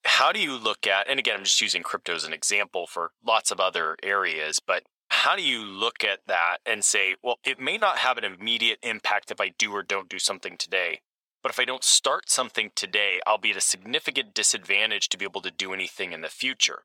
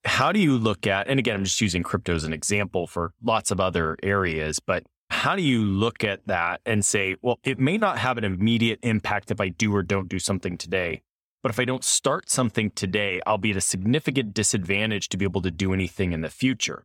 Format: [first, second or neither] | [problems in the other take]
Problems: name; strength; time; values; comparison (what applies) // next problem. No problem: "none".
second | thin; very; fading below 700 Hz